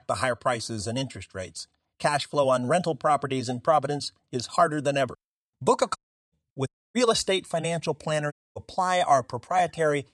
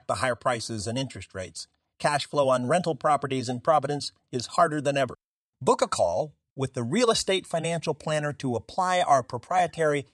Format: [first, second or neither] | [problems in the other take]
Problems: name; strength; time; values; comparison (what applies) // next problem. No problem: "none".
second | audio cutting out; at 6 s, at 6.5 s and at 8.5 s